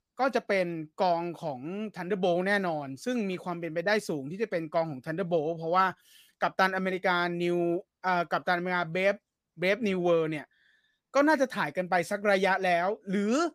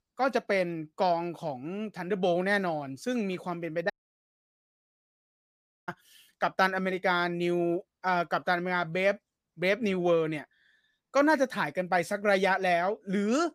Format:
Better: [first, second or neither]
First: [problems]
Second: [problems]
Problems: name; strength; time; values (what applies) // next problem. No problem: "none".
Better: first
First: none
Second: audio cutting out; at 4 s for 2 s